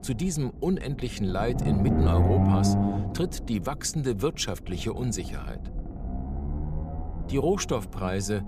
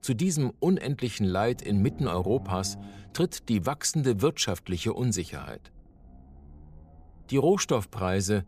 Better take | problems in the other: second | low rumble; loud; throughout; 4 dB below the speech; faint in the second

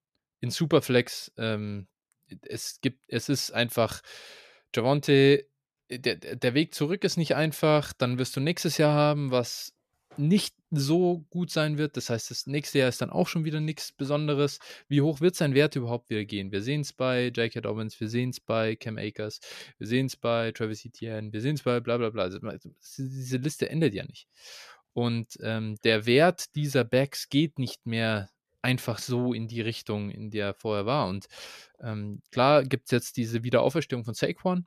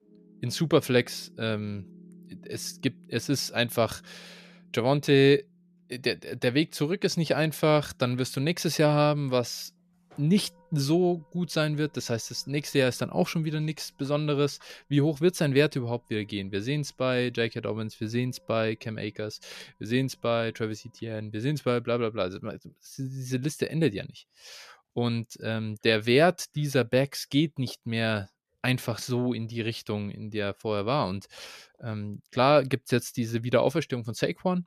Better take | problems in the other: first | background music; faint; until 21 s; 30 dB below the speech

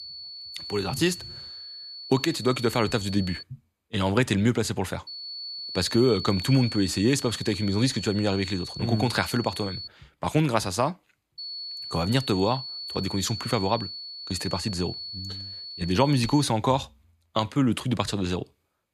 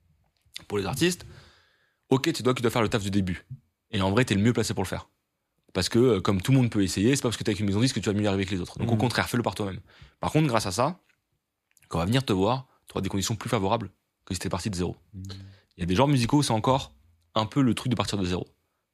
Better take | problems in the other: second | high-pitched whine; loud; until 3.5 s, from 5 to 10 s and from 11 to 16 s; 4.5 kHz, 9 dB below the speech

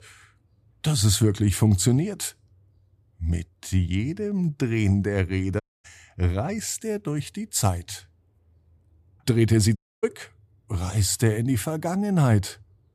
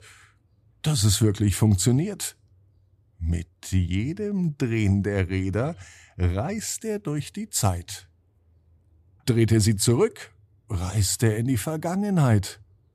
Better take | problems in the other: second | audio cutting out; at 5.5 s and at 10 s

